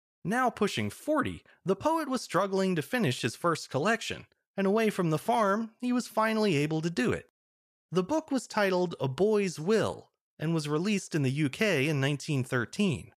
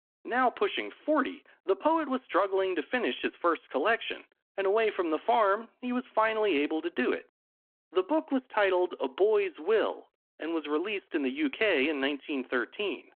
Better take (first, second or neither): first